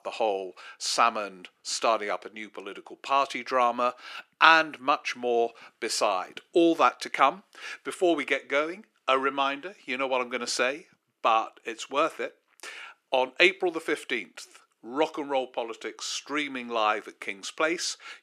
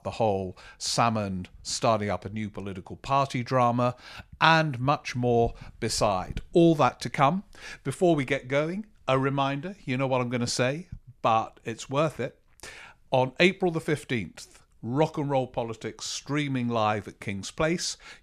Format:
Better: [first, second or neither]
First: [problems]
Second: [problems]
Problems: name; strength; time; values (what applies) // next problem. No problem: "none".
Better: second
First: thin; somewhat; fading below 300 Hz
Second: none